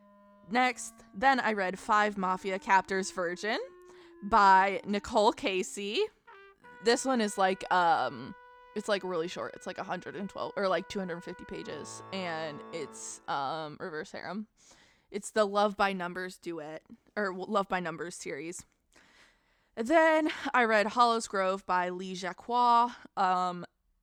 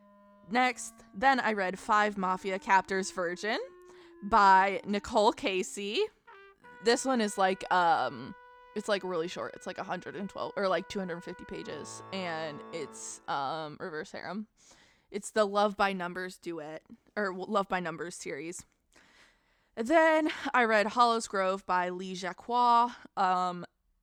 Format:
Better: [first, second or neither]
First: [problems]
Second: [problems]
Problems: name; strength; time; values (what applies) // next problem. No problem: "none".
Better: neither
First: background music; faint; until 14 s; 25 dB below the speech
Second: background music; faint; until 14 s; 25 dB below the speech